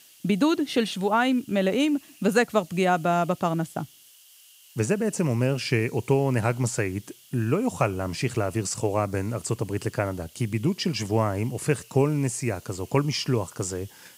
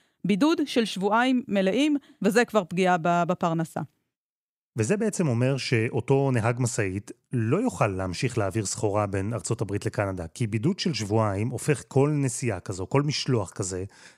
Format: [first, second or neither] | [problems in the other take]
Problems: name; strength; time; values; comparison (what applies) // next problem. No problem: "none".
second | hiss; faint; throughout; 25 dB below the speech